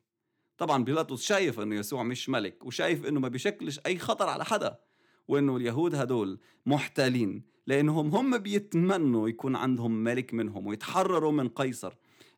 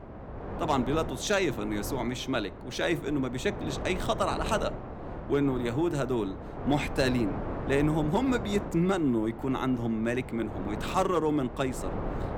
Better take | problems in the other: first | wind noise on the microphone; heavy; 10 dB below the speech

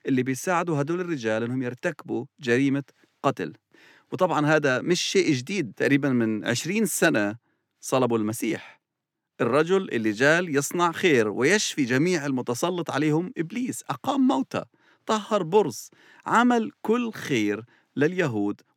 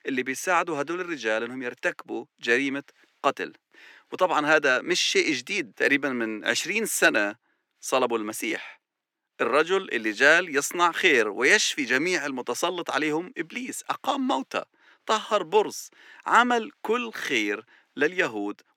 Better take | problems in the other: first | thin; somewhat; fading below 350 Hz

